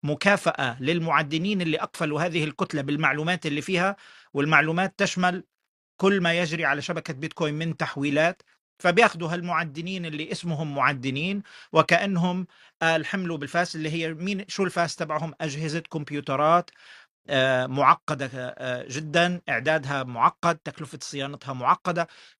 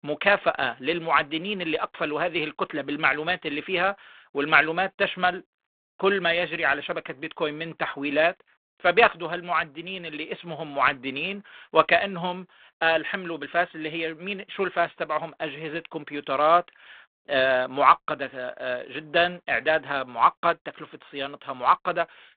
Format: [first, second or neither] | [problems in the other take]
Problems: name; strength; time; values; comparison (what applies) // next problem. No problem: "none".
first | phone-call audio; nothing above 4 kHz